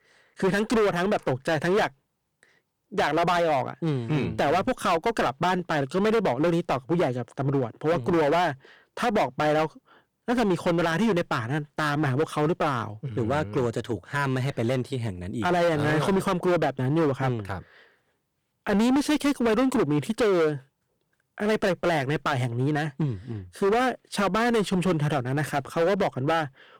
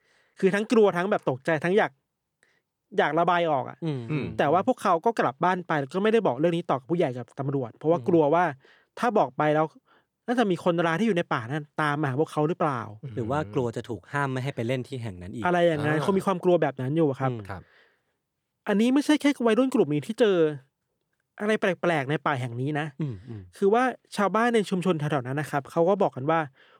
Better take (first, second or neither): second